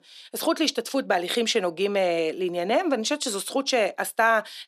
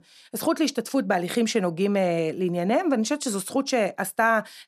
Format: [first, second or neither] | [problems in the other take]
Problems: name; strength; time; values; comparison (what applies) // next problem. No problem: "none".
second | thin; very slightly; fading below 350 Hz